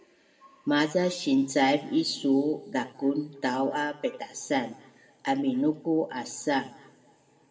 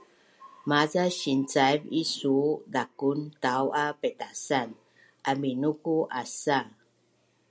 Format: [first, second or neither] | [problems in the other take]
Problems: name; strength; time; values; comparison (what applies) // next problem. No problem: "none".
second | room echo; dies away in 1.2 s